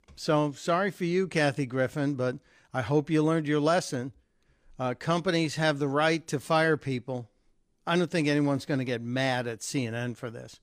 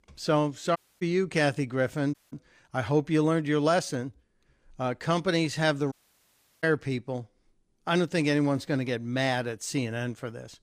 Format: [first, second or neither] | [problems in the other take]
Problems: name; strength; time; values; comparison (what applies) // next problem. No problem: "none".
first | audio cutting out; at 1 s, at 2 s and at 6 s for 0.5 s